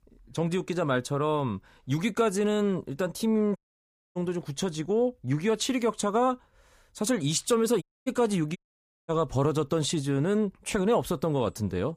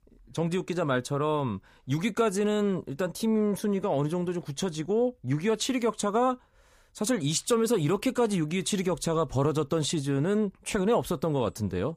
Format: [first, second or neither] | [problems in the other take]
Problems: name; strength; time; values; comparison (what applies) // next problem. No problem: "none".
second | audio cutting out; at 3.5 s for 0.5 s, at 8 s and at 8.5 s for 0.5 s